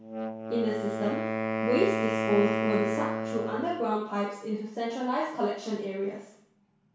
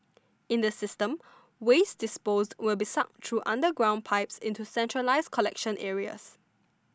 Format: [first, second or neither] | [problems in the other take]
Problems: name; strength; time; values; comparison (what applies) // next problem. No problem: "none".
second | background sound (Wind instrument, woodwind instrument); 3 dB below the speech // room echo; dies away in 0.6 s